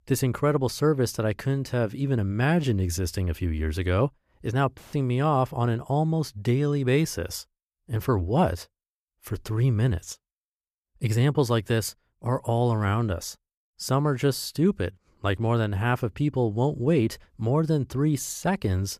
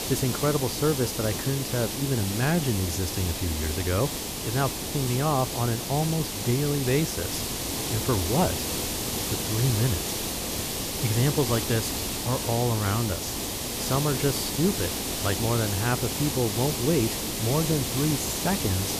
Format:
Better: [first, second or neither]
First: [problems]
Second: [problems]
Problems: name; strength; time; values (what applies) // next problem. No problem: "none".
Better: first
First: none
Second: hiss; loud; throughout; 1 dB below the speech